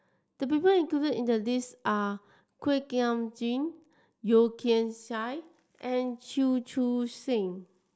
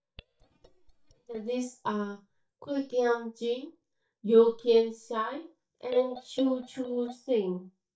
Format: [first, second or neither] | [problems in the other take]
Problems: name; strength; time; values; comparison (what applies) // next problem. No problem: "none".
first | noise reduction (neural mask model DeepFilterNet 3)